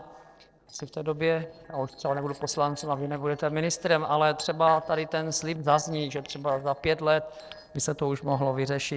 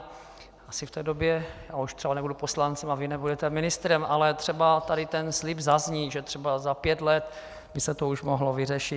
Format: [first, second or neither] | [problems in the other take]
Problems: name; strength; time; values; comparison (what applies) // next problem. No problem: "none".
second | noise reduction (neural separator model SepFormer DNS4)